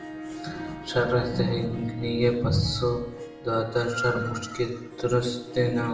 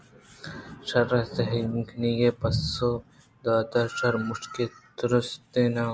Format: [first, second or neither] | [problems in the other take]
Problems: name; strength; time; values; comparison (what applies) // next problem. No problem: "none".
second | background sound (Harp); 13 dB below the speech // room echo; dies away in 0.7 s